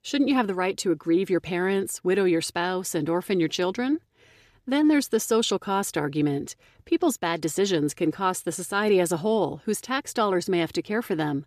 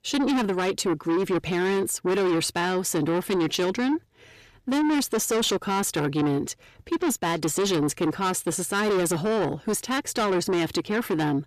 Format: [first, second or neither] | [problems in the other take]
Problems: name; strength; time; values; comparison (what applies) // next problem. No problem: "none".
first | distortion; heavy; 8 dB below the speech